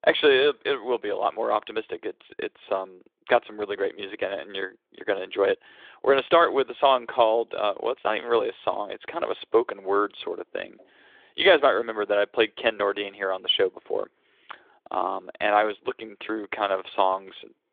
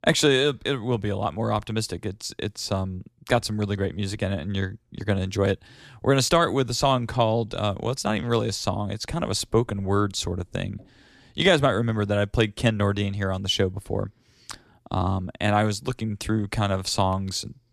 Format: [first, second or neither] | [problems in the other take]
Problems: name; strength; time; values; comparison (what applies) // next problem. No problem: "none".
second | phone-call audio; nothing above 3.5 kHz